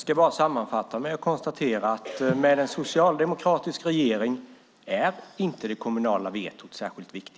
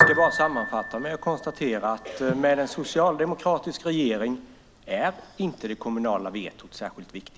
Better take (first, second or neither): first